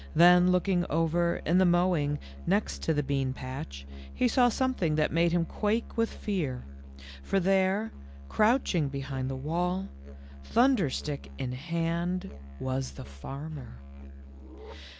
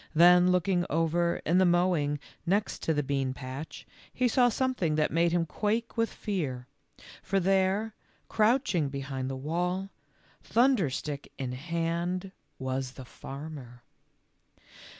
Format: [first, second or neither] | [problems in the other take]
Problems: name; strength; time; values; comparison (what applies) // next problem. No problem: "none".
second | background sound (Musical instrument); 14 dB below the speech